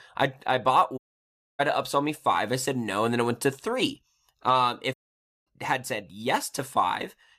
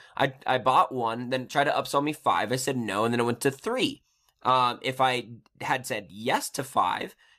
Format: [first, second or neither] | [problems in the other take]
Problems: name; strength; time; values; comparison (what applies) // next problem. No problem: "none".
second | audio cutting out; at 1 s for 0.5 s and at 5 s for 0.5 s